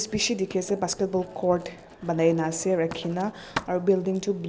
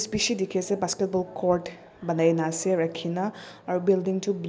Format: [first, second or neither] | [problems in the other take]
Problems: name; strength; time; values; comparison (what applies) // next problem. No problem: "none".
second | background sound (Writing); 17 dB below the speech